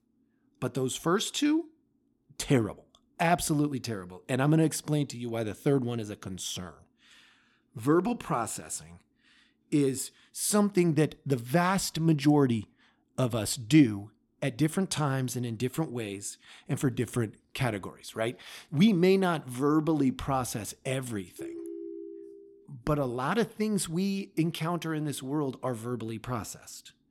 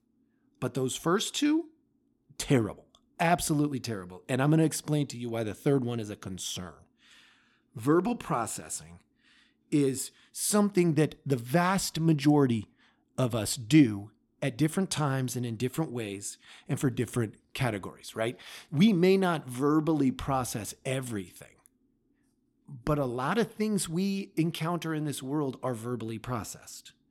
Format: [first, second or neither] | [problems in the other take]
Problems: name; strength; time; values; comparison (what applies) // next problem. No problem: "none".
second | phone ringing; faint; from 21 to 23 s; peak 10 dB below the speech